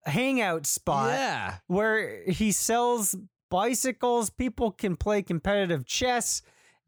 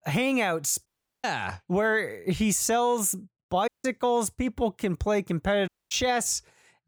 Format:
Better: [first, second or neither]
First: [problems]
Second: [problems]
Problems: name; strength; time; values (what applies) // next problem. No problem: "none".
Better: first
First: none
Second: audio cutting out; at 1 s, at 3.5 s and at 5.5 s